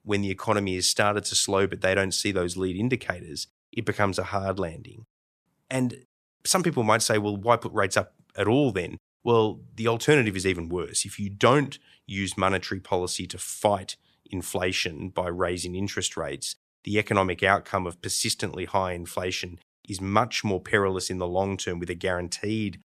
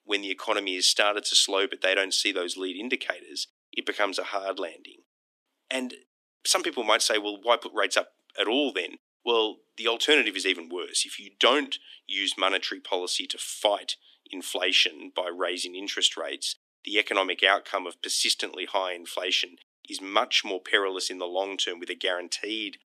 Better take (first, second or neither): first